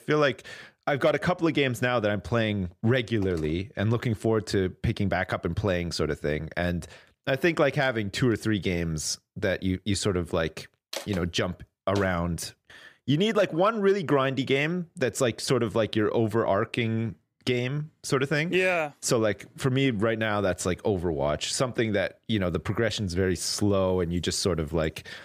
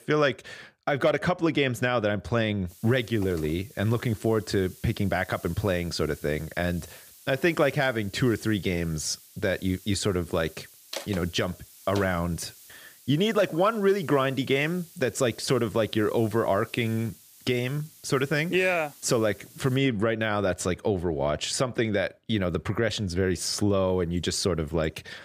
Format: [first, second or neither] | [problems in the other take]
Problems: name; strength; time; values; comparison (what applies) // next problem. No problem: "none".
first | hiss; faint; from 2.5 to 20 s; 20 dB below the speech